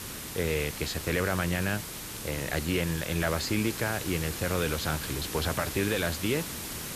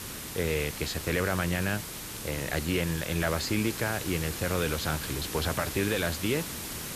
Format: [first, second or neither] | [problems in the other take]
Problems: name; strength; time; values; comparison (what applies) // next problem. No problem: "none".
neither | hiss; loud; throughout; 5 dB below the speech; the same in both